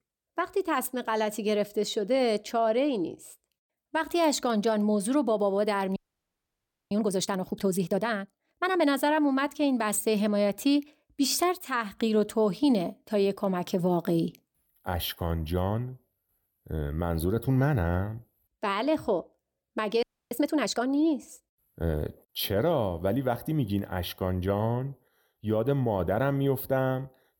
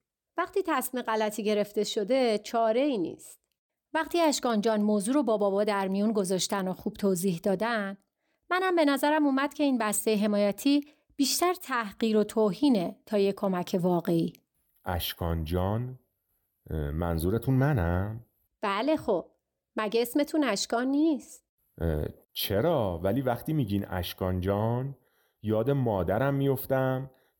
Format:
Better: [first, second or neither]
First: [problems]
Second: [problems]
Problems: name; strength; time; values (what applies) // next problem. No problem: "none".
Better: second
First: audio freezing; at 6 s for 1 s and at 20 s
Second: none